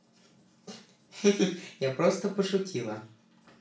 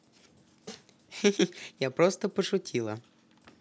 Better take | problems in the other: second | room echo; dies away in 0.3 s

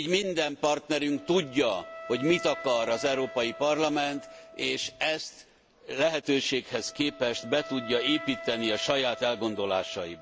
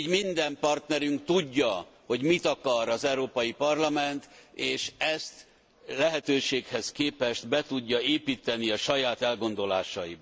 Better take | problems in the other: second | background sound (Wind instrument, woodwind instrument); 15 dB below the speech

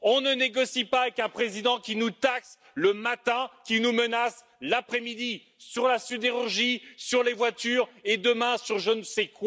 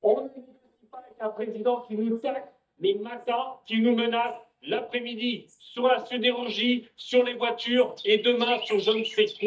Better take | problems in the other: first | noise reduction (neural mask model DeepFilterNet 3)

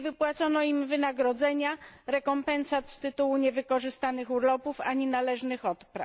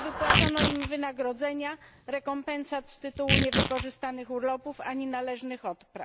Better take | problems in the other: first | background sound (Clapping + Tearing); 1 dB above the speech

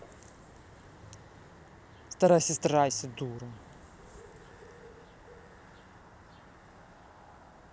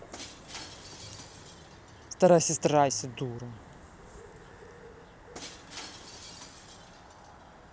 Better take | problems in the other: first | background sound (Shatter); 18 dB below the speech

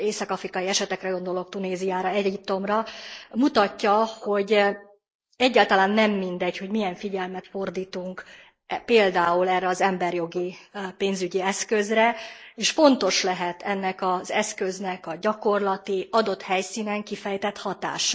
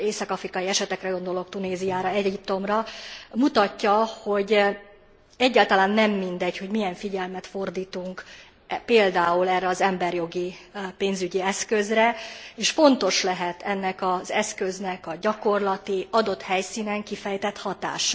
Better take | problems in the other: second | noise reduction (neural mask model Resemble Enhance denoiser)

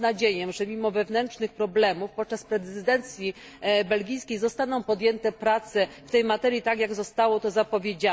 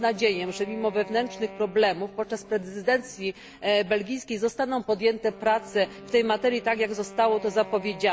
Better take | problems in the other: first | background sound (Wind instrument, woodwind instrument); 18 dB below the speech

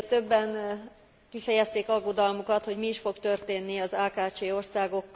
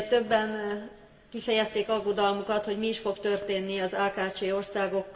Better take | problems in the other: first | room echo; dies away in 1 s

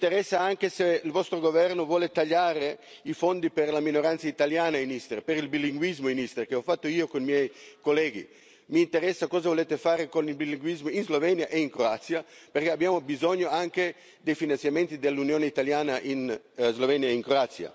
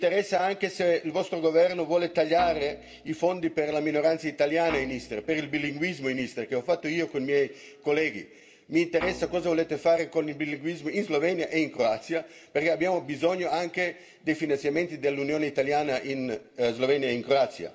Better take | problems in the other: first | background sound (Guitar); 14 dB below the speech // room echo; dies away in 0.4 s

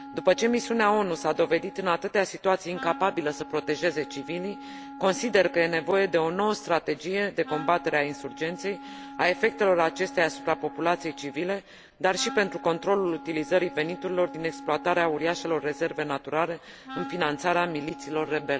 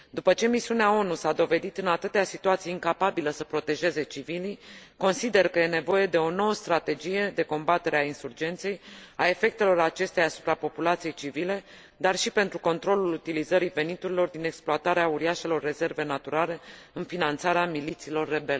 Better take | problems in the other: second | background sound (Wind instrument, woodwind instrument); 15 dB below the speech

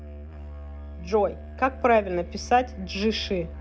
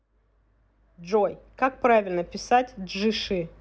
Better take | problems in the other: second | background sound (Musical instrument); 12 dB below the speech

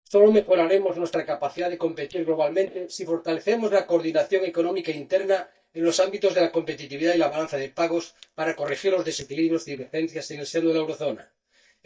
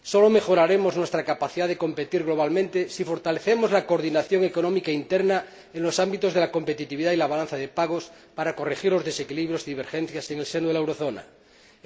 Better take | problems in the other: second | noise reduction (neural mask model DeepFilterNet 3)

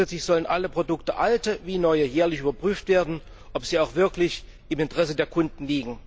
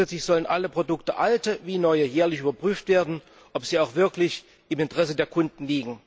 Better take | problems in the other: second | background sound (Boat, Water vehicle); 18 dB below the speech

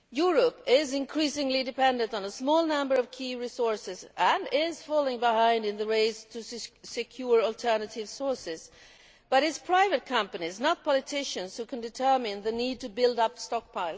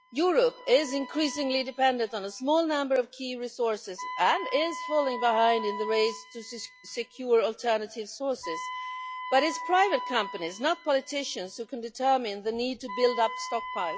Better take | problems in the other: first | noise reduction (classical method log-MMSE)

